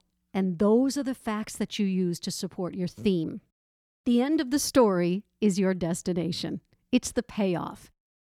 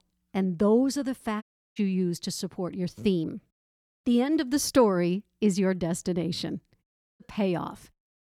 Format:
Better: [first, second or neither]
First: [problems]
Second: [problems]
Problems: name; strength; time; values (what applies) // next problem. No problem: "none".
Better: first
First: none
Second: audio cutting out; at 1.5 s and at 7 s